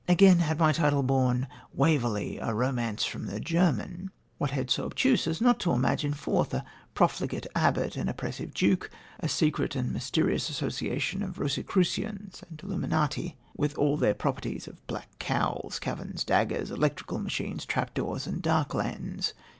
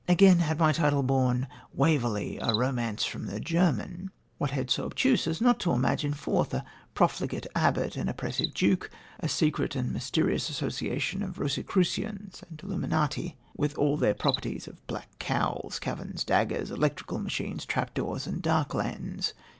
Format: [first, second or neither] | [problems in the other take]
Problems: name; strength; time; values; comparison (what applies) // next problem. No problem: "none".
first | background sound (Cricket); 19 dB below the speech